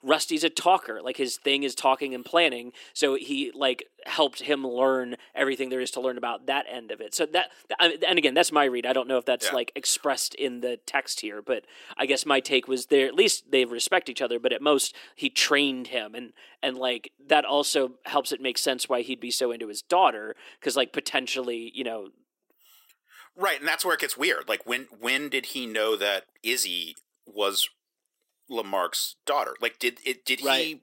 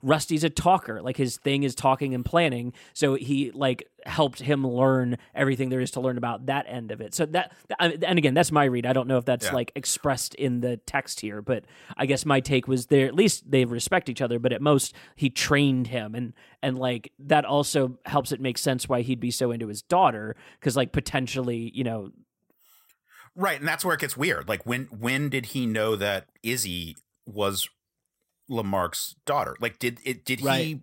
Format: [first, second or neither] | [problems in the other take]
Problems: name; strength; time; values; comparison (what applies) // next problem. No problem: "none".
second | thin; somewhat; fading below 350 Hz